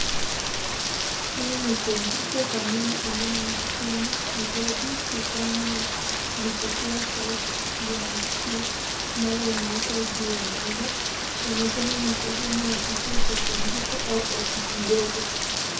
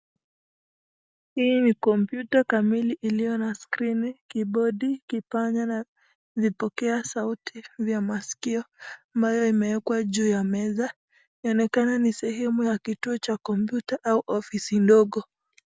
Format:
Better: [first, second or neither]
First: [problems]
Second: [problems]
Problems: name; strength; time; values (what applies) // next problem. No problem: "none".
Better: second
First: background sound (Rain); 4 dB above the speech // room echo; dies away in 0.6 s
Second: none